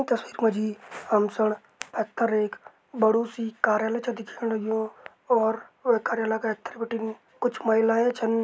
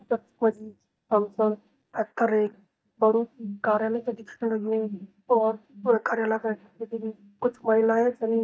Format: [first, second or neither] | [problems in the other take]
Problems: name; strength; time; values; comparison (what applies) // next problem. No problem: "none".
first | noise reduction (neural mask model DeepFilterNet 3)